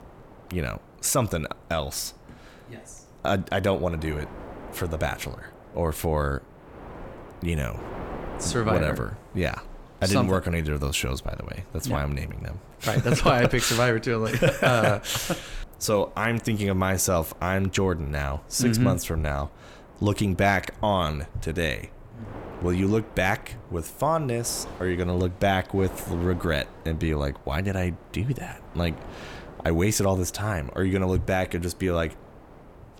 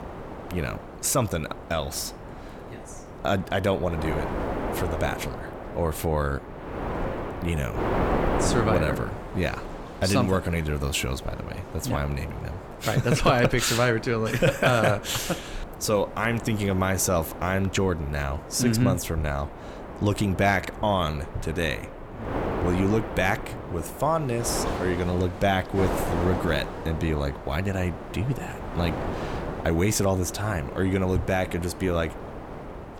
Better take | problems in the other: first | wind noise on the microphone; heavy; 8 dB below the speech; occasional gusts in the first

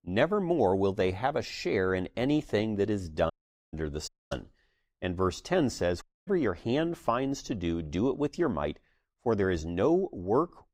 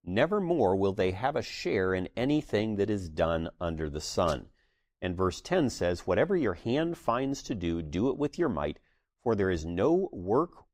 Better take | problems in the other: second | audio cutting out; at 3.5 s, at 4 s and at 6 s

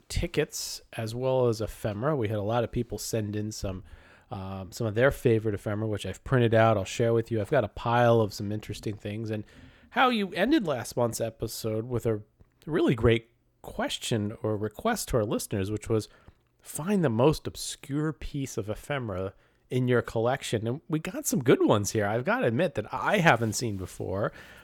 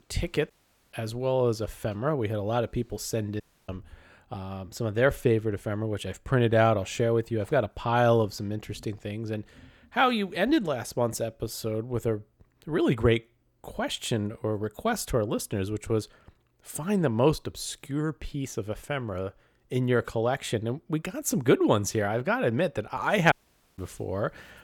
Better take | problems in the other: first | audio cutting out; at 0.5 s, at 3.5 s and at 23 s

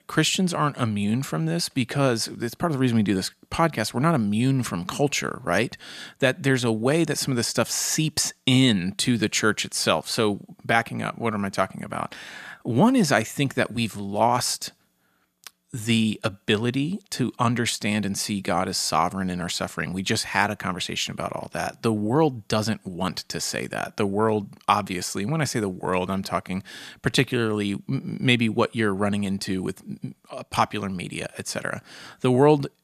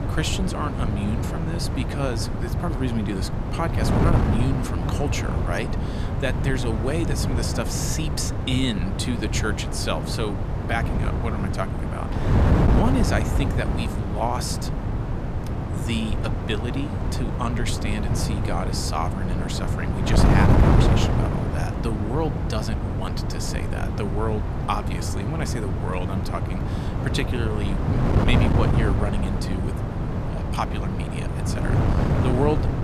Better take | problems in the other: first | wind noise on the microphone; heavy; 1 dB below the speech

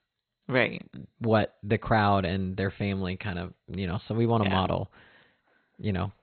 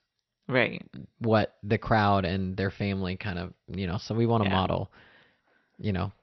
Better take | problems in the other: second | garbled, watery; badly; nothing above 4 kHz; slightly in the second

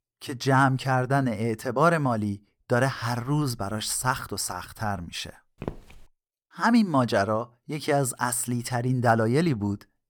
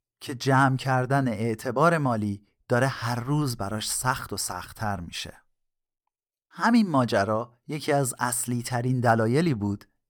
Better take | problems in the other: second | footsteps; faint; at 5.5 s; peak 15 dB below the speech

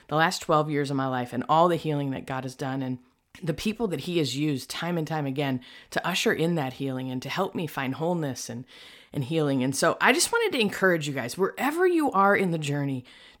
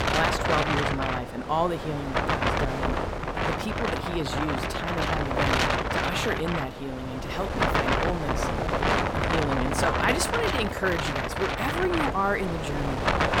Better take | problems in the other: first | wind noise on the microphone; heavy; 4 dB above the speech

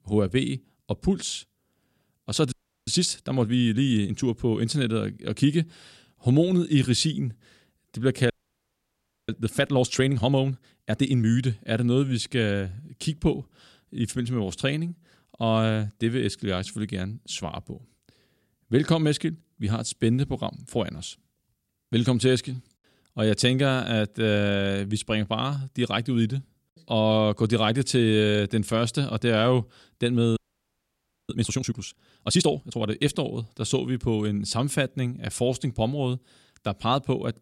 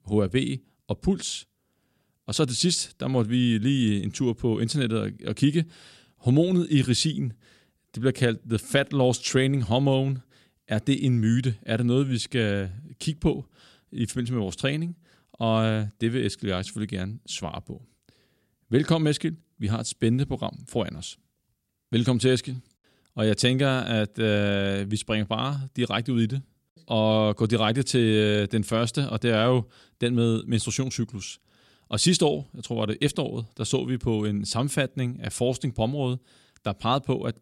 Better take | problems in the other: second | audio freezing; at 2.5 s, at 8.5 s for 1 s and at 30 s for 1 s

